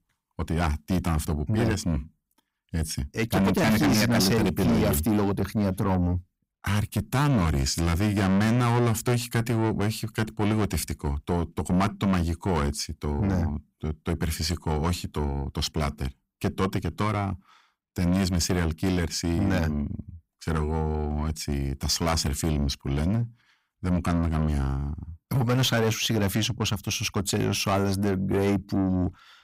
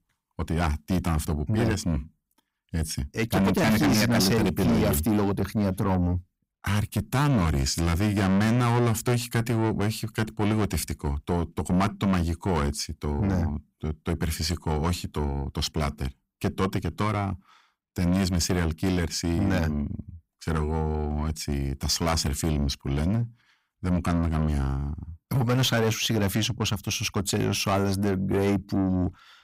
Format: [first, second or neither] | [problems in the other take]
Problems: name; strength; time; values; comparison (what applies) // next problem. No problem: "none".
neither | distortion; heavy; 7 dB below the speech; the same in both